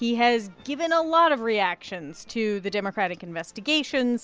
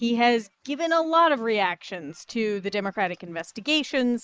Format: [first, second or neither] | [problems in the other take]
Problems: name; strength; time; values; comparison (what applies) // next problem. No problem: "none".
first | noise reduction (neural mask model Resemble Enhance denoiser)